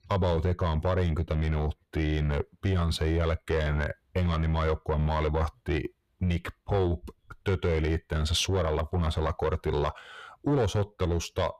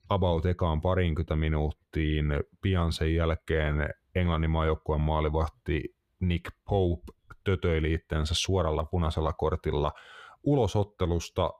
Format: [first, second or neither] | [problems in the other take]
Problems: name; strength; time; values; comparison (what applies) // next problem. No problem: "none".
second | distortion; slight; 10 dB below the speech